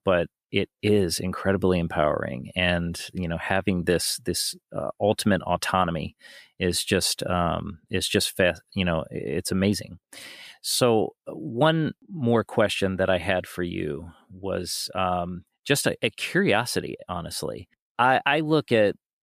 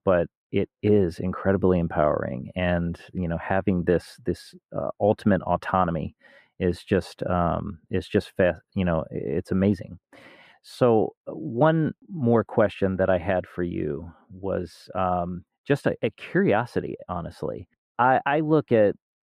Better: first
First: none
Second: muffled; very; fading above 3 kHz

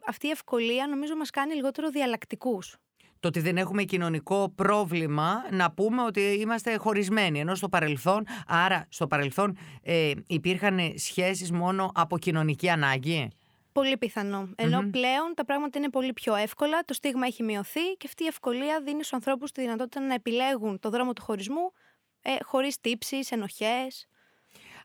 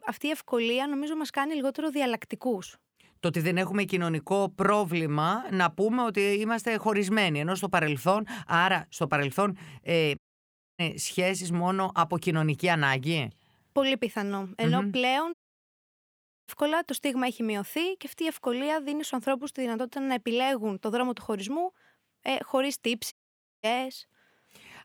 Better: first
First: none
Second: audio cutting out; at 10 s for 0.5 s, at 15 s for 1 s and at 23 s for 0.5 s

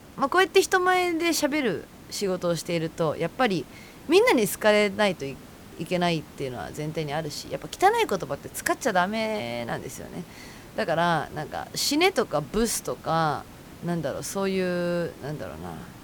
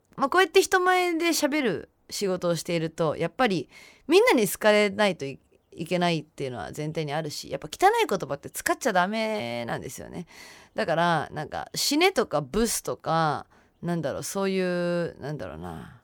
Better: second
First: hiss; faint; throughout; 20 dB below the speech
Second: none

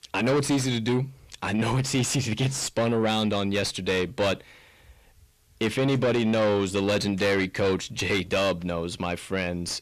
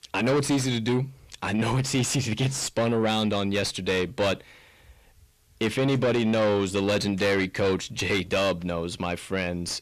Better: neither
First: distortion; heavy; 7 dB below the speech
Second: distortion; heavy; 7 dB below the speech

